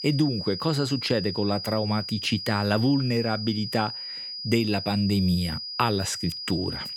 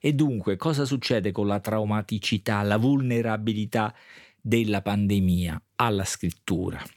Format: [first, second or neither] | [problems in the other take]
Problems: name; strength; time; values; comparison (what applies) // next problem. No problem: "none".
second | high-pitched whine; loud; throughout; 5 kHz, 6 dB below the speech